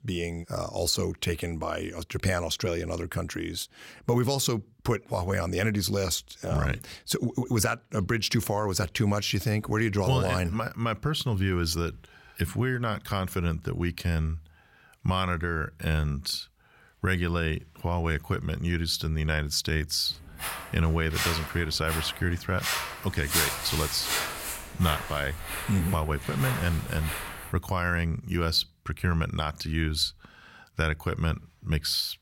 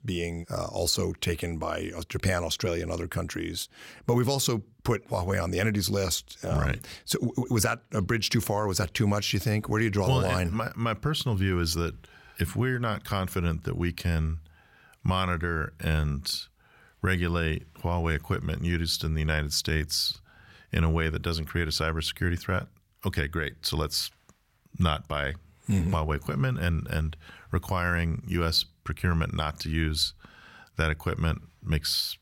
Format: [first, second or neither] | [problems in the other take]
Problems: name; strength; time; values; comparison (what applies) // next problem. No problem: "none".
second | footsteps; loud; from 20 to 27 s; peak 4 dB above the speech